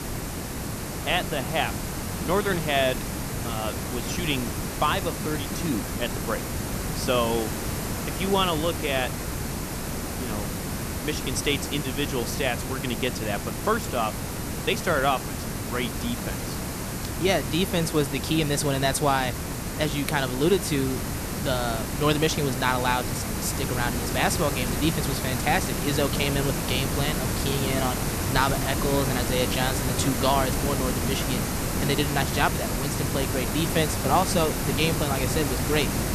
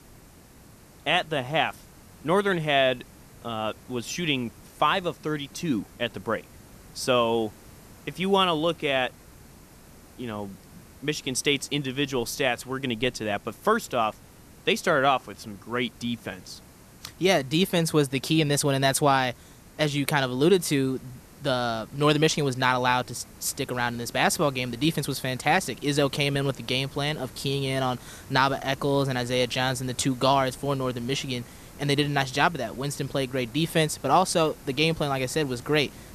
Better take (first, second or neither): second